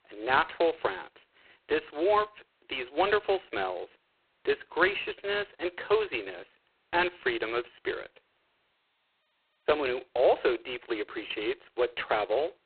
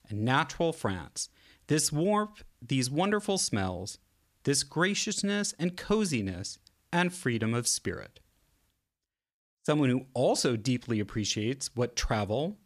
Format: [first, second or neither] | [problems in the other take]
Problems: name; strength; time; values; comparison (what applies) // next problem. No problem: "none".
second | phone-call audio; poor line; nothing above 4 kHz